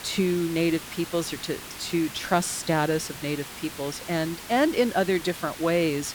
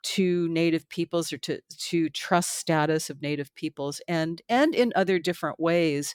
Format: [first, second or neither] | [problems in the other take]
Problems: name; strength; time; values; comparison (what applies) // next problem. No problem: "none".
second | hiss; noticeable; throughout; 10 dB below the speech